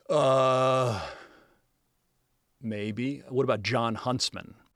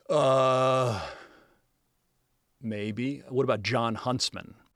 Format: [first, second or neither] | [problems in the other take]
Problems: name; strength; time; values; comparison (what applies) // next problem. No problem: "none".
neither | none